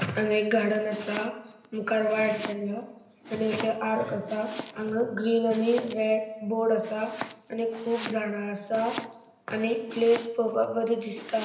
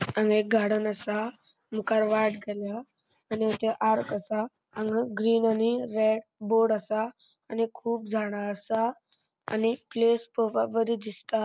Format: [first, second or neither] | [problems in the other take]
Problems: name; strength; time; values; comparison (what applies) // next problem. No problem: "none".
second | background sound (Domestic sounds, home sounds); 15 dB below the speech // room echo; dies away in 0.9 s